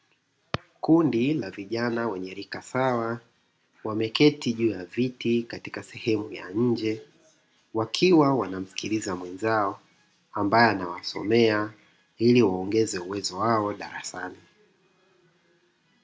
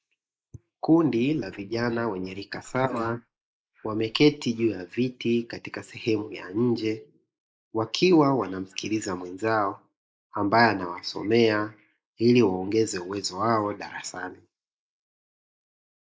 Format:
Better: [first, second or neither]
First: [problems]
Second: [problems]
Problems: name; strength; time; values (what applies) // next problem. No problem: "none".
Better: first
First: none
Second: noise reduction (neural mask model Resemble Enhance denoiser)